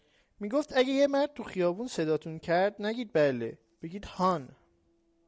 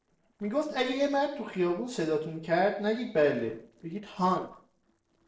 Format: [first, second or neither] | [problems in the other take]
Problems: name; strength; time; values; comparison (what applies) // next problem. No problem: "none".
first | noise reduction (neural separator model SepFormer DNS4)